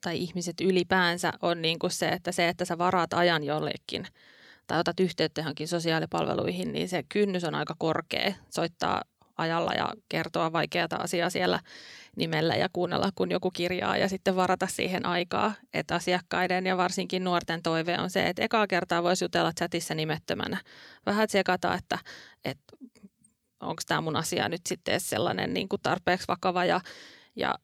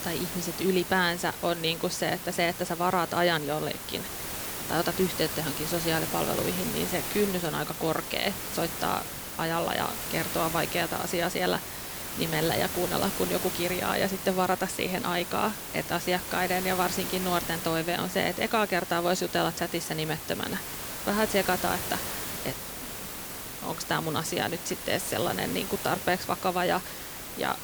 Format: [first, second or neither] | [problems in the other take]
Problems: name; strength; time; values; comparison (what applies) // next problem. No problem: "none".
first | hiss; loud; throughout; 5 dB below the speech